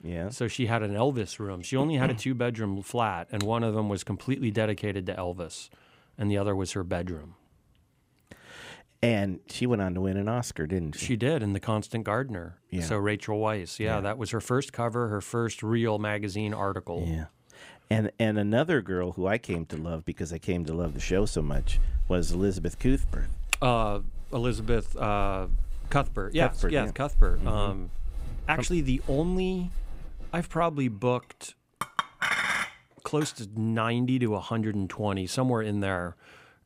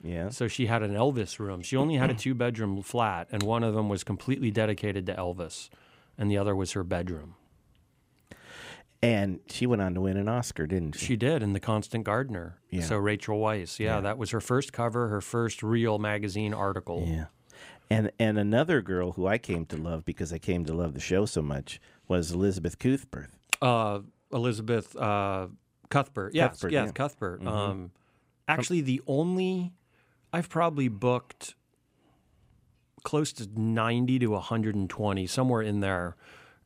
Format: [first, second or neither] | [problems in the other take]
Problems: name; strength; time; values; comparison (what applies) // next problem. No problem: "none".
second | footsteps; loud; from 21 to 30 s; peak 1 dB above the speech // clattering dishes; loud; from 32 to 33 s; peak 4 dB above the speech